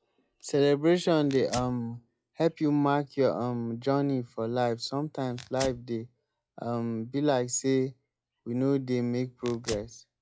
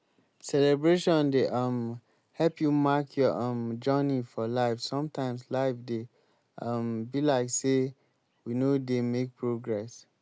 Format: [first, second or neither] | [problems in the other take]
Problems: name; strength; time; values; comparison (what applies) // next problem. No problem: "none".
second | noise reduction (classical method log-MMSE)